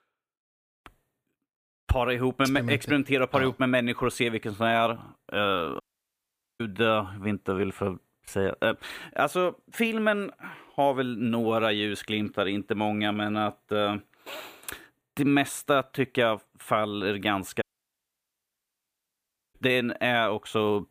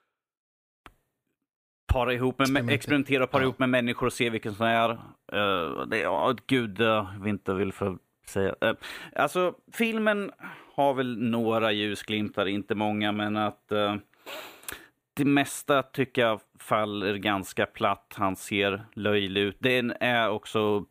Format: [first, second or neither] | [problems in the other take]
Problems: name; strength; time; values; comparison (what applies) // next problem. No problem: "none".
second | audio cutting out; at 6 s for 1 s and at 18 s for 2 s